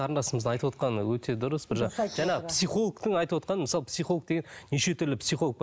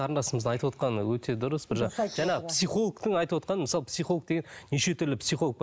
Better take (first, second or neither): first